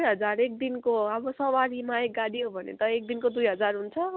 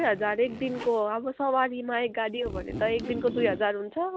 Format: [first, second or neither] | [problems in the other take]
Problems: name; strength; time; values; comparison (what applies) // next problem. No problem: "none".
first | background sound (Zipper (clothing)); 13 dB below the speech